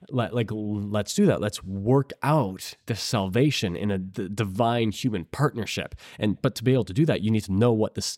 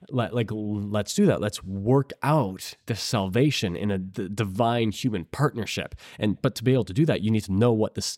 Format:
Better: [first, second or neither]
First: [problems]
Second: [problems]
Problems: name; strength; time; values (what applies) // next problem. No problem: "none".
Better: neither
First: none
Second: none